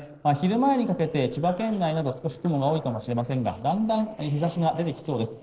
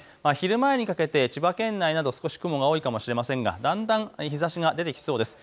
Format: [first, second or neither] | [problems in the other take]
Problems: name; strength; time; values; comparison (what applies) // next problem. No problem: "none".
second | noise reduction (neural separator model SepFormer DNS4)